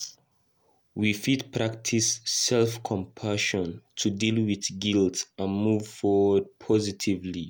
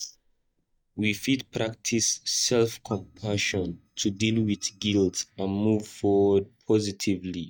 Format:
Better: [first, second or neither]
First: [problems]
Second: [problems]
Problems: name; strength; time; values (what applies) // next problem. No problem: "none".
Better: first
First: none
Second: noise reduction (neural mask model DeepFilterNet 3)